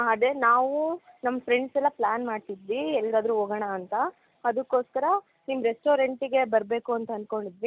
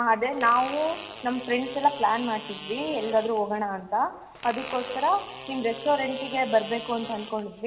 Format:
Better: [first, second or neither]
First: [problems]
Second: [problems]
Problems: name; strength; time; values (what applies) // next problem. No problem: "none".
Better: first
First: none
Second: background sound (Fart); 14 dB below the speech // room echo; dies away in 1 s